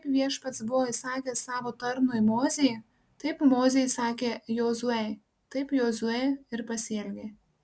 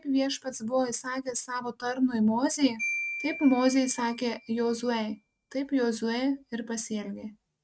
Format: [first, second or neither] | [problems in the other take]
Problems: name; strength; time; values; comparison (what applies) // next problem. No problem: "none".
first | noise reduction (neural mask model RNNoise)